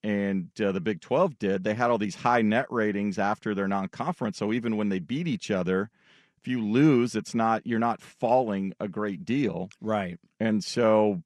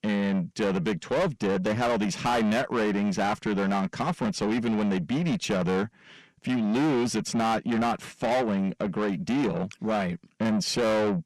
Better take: first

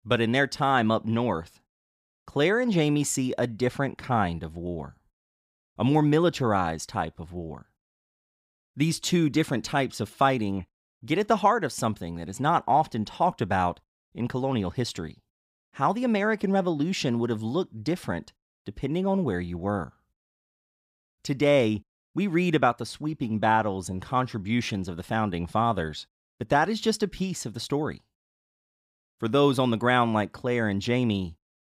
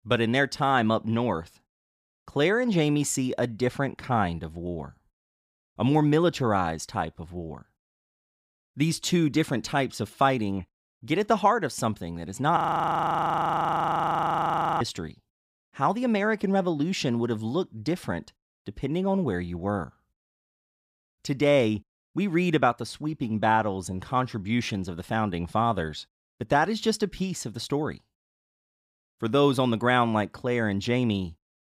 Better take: first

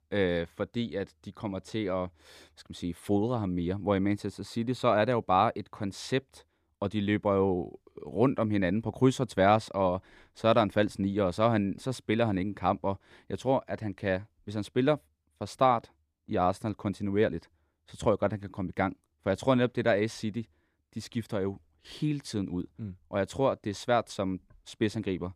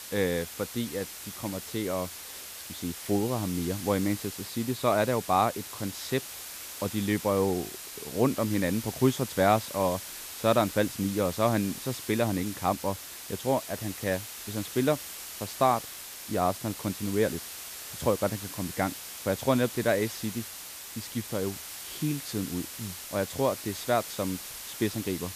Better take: first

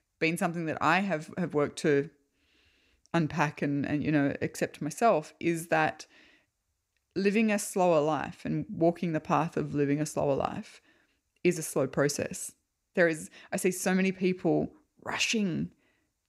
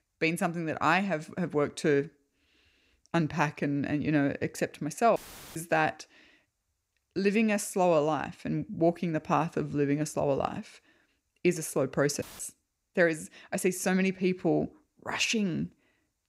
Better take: first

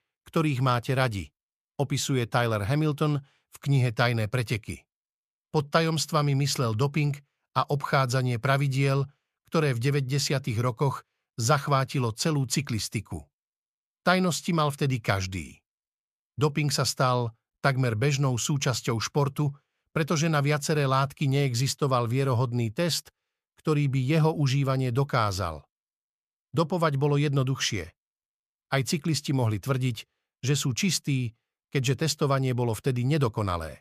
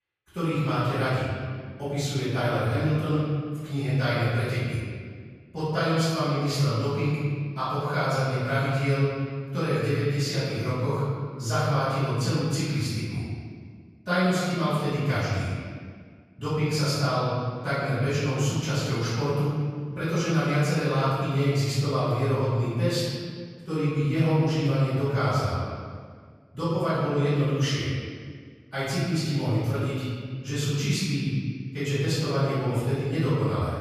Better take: first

